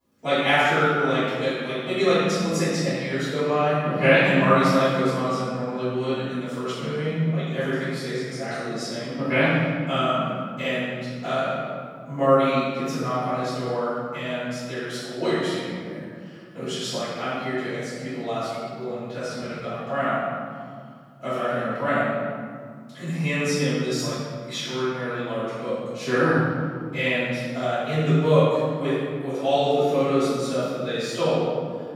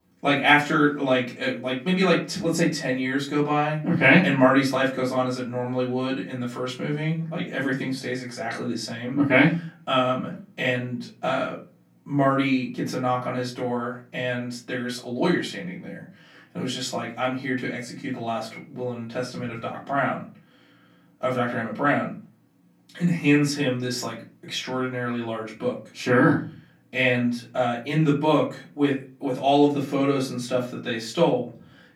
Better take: second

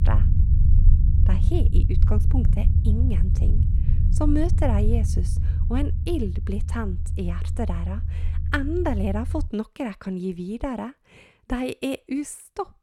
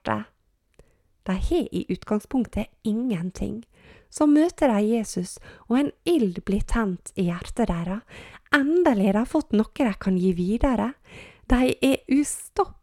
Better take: second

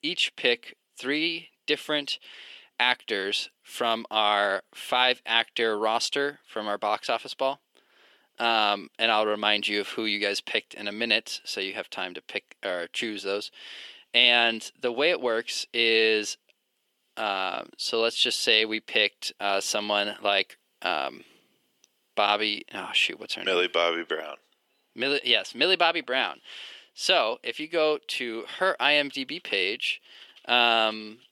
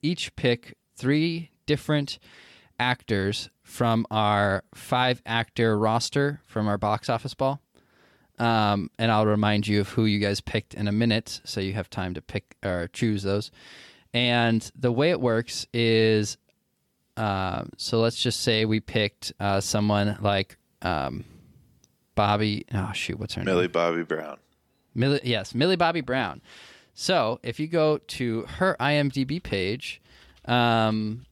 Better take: second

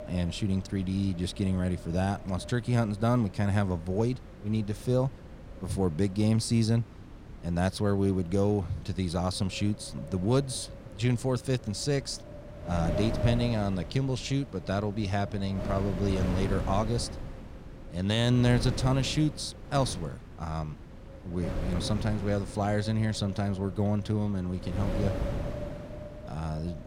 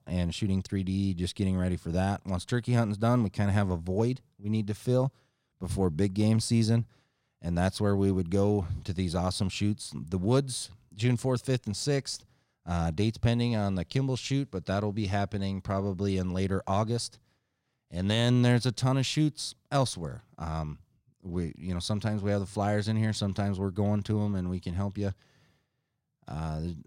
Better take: second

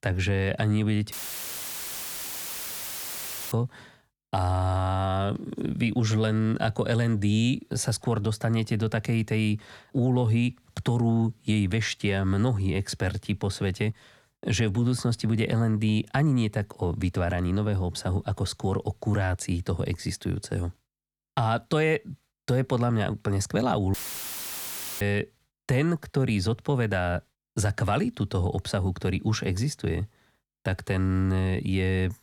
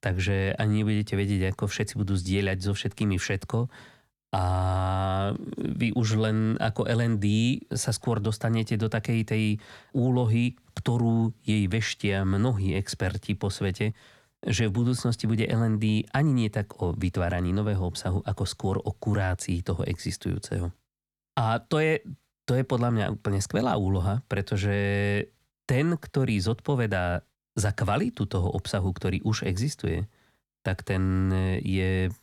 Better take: second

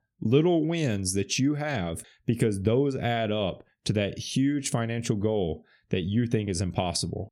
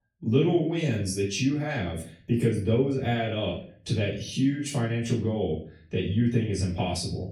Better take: first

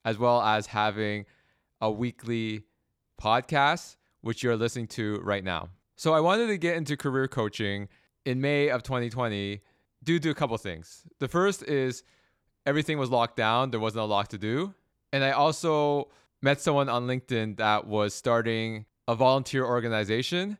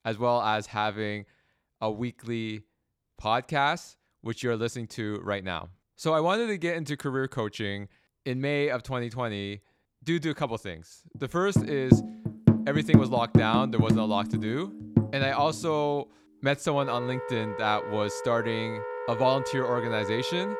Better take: first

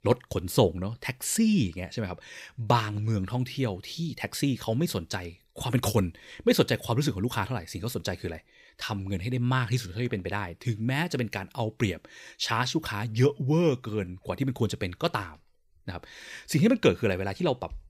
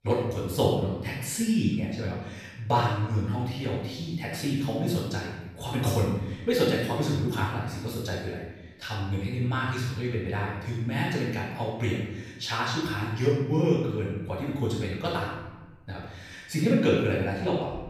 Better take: first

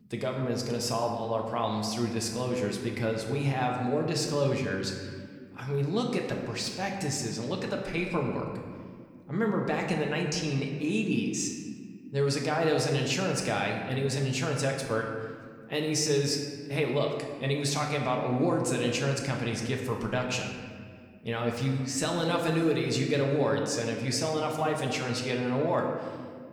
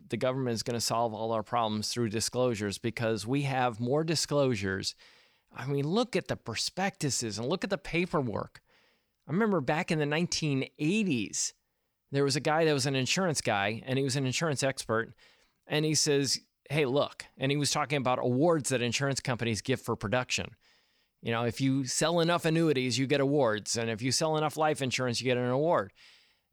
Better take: second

